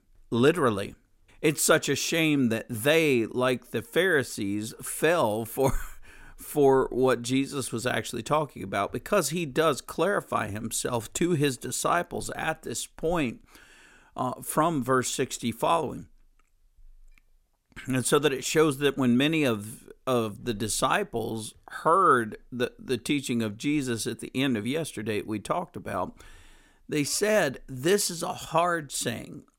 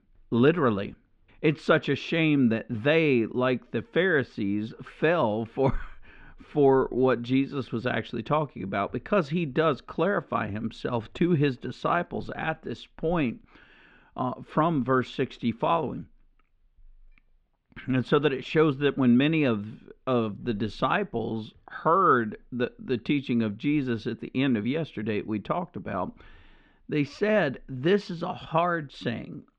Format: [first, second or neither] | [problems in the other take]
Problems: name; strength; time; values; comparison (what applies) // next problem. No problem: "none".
first | muffled; very; fading above 3.5 kHz